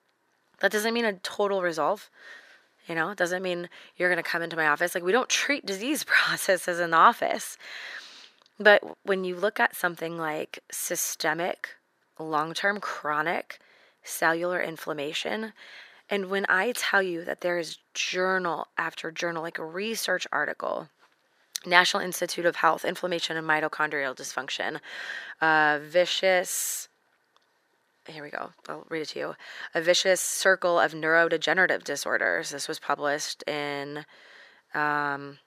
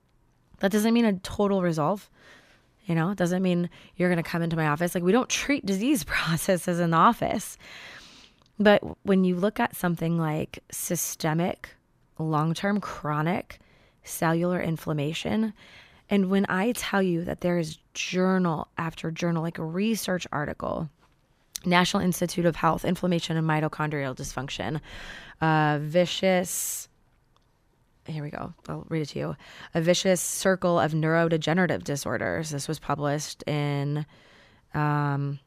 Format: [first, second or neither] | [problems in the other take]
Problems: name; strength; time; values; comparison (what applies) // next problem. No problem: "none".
second | thin; very; fading below 450 Hz